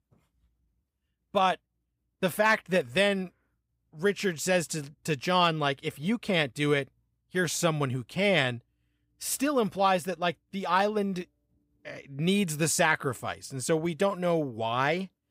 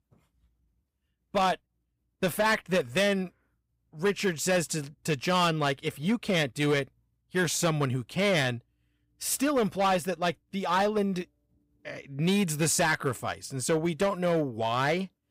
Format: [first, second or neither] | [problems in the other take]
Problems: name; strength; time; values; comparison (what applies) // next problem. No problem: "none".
first | distortion; slight; 6% of the sound clipped